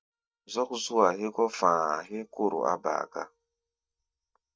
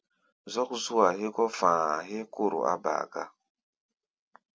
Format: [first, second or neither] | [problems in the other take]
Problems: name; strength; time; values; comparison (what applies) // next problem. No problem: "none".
second | noise reduction (neural mask model DeepFilterNet 3)